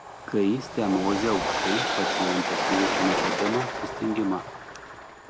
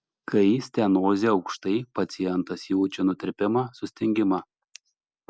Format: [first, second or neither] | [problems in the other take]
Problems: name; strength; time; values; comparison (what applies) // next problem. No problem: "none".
second | background sound (Train); as loud as the speech